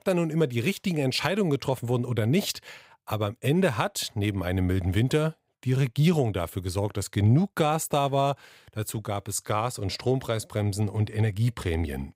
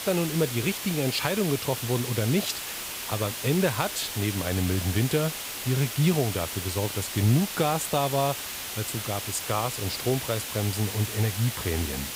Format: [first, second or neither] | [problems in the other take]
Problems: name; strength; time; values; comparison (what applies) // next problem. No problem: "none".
first | hiss; loud; throughout; 5 dB below the speech